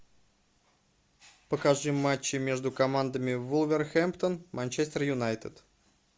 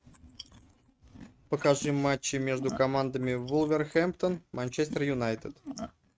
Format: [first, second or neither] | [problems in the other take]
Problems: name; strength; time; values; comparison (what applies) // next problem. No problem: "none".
first | noise reduction (neural mask model RNNoise)